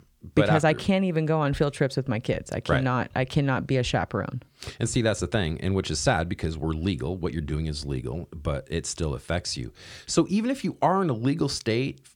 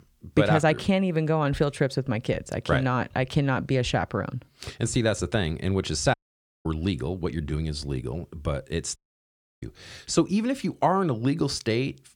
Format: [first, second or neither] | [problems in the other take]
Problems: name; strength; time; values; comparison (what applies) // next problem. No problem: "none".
first | audio cutting out; at 6 s for 0.5 s and at 9 s for 0.5 s